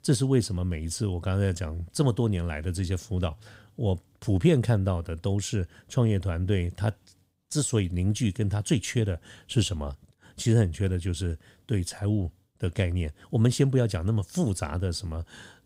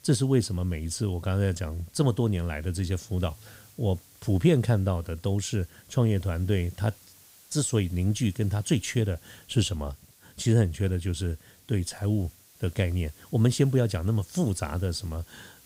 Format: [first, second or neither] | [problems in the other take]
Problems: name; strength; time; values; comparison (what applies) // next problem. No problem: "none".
first | hiss; faint; throughout; 25 dB below the speech